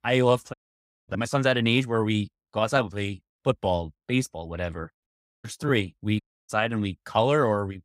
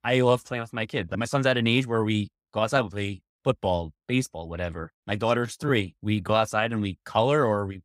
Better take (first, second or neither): second